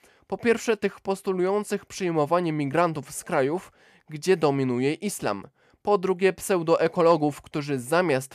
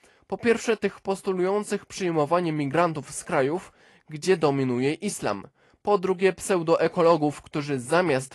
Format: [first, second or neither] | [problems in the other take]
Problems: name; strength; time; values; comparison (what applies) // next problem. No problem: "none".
first | garbled, watery; slightly; nothing above 11 kHz